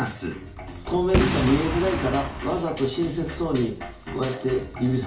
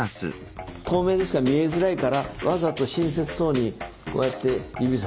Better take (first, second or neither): second